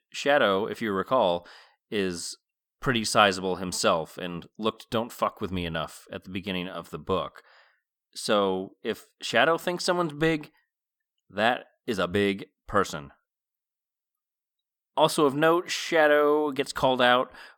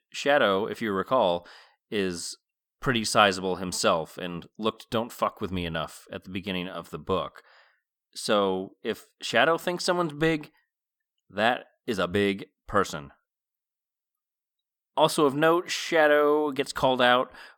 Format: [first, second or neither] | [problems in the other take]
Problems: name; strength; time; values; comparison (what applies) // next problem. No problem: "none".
neither | none